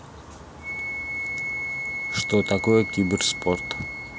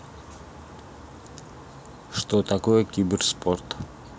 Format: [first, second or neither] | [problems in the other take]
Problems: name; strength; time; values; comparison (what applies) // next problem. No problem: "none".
second | background sound (Wind instrument, woodwind instrument); 5 dB below the speech